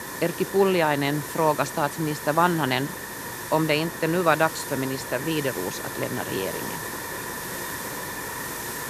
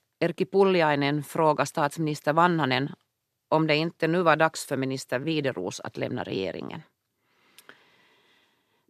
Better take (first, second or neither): second